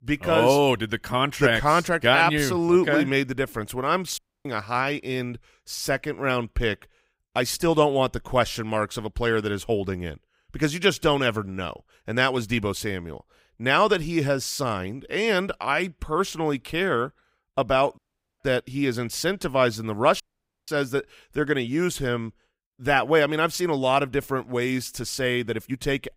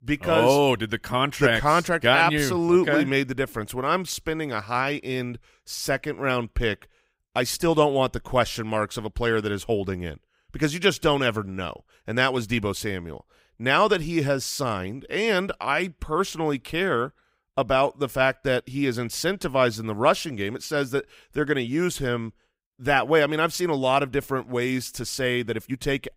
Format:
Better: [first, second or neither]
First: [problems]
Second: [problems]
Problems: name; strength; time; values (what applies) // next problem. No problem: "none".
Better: second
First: audio cutting out; at 4 s, at 18 s and at 20 s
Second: none